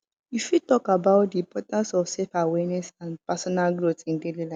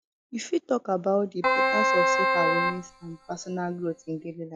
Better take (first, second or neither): first